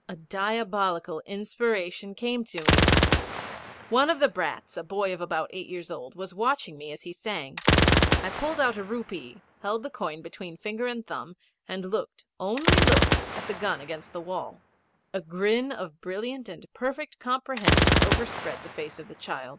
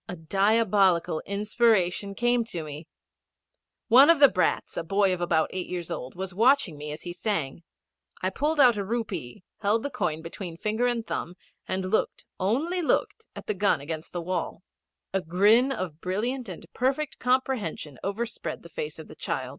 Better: second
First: background sound (Gunshot, gunfire); 2 dB above the speech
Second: none

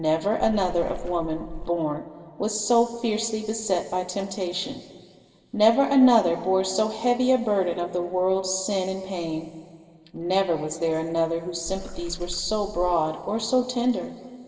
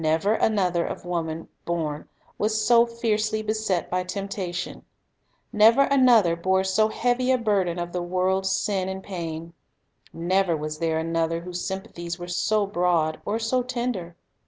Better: second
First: background sound (Water / Splash, splatter); 10 dB below the speech // room echo; dies away in 2.3 s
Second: none

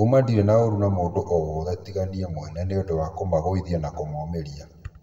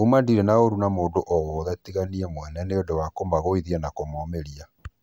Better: second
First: room echo; dies away in 1.2 s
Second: none

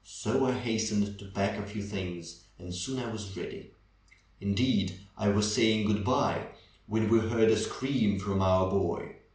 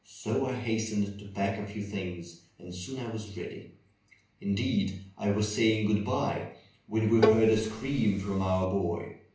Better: first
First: none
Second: background sound (Bowed string instrument); 1 dB above the speech // room echo; dies away in 0.3 s

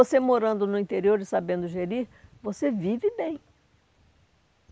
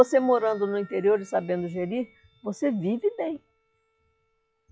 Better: first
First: none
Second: noise reduction (classical method log-MMSE)

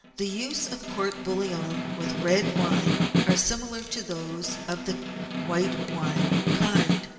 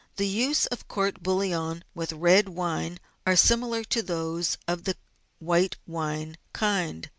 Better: second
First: background sound (Snare drum); 2 dB above the speech // room echo; dies away in 2.8 s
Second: none

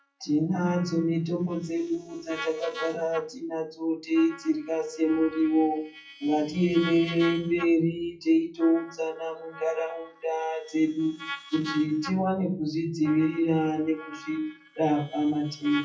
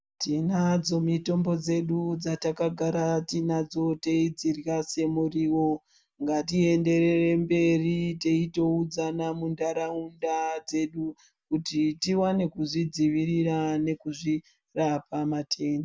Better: second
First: noise reduction (classical method WPE with log-MMSE)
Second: none

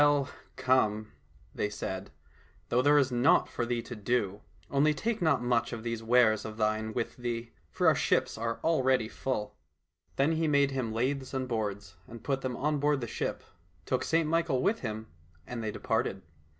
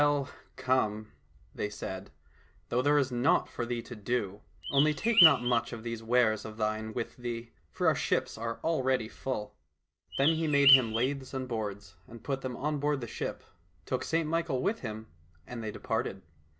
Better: first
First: none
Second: background sound (Bird); 2 dB above the speech

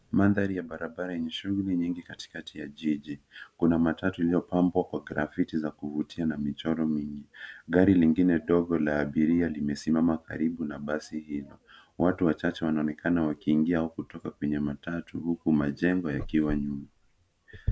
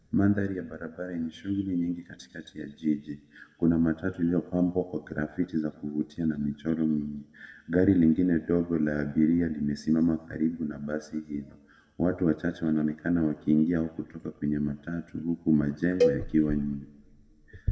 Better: first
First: none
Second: background sound (Cowbell); 3 dB below the speech // room echo; dies away in 1.1 s

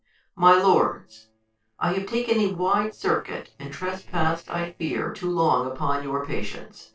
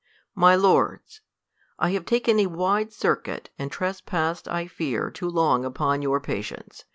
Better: second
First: noise reduction (neural separator model SepFormer DNS4)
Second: none

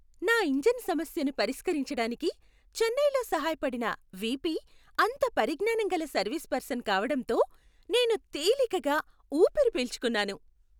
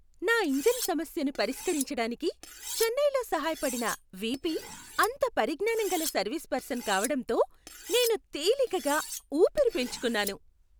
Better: first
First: none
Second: background sound (Cutlery, silverware); 12 dB below the speech

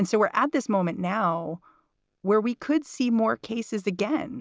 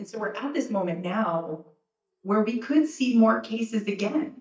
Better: first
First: none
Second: noise reduction (neural mask model DeepFilterNet 3)

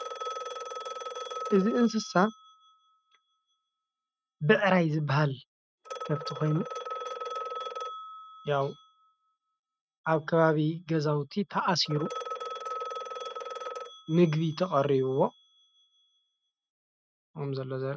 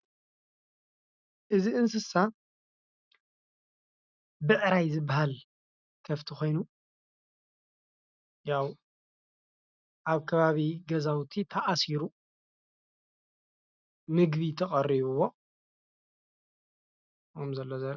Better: second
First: noise reduction (neural mask model RNNoise)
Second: none

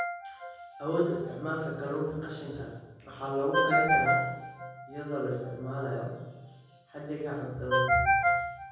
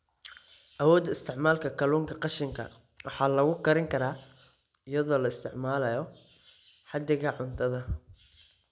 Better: second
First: background sound (Ringtone); 3 dB above the speech // room echo; dies away in 1.3 s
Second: none

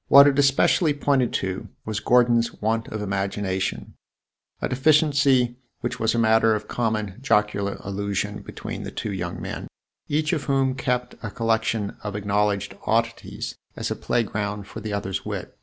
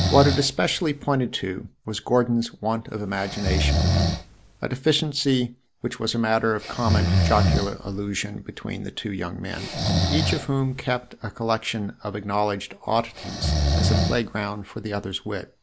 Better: first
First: none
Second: background sound (Breathing); 1 dB below the speech

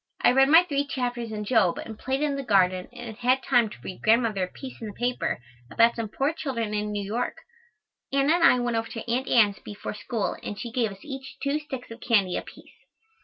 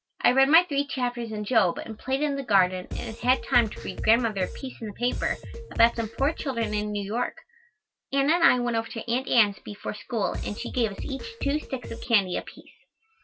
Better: first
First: none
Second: background sound (Drum kit); 7 dB below the speech

